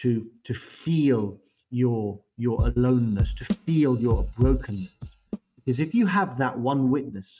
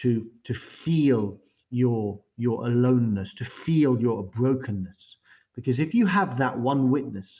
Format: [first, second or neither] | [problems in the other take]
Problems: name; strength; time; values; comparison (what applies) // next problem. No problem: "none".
second | noise reduction (neural mask model RNNoise)